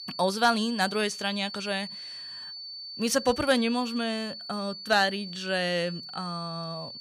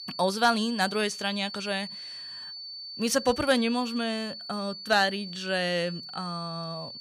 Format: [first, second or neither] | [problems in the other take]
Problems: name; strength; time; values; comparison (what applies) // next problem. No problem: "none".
neither | high-pitched whine; loud; throughout; 4.5 kHz, 10 dB below the speech; the same in both